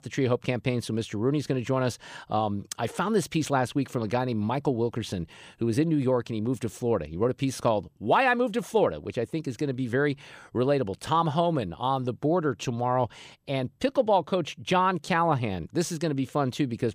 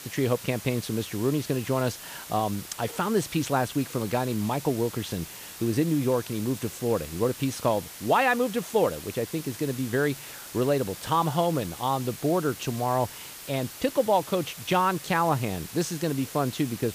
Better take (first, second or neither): first